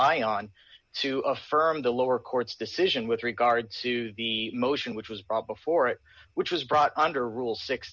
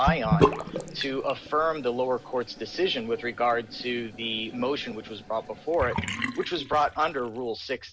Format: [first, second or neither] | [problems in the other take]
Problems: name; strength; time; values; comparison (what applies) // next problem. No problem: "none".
first | background sound (Bathtub (filling or washing) / Sink (filling or washing)); 4 dB below the speech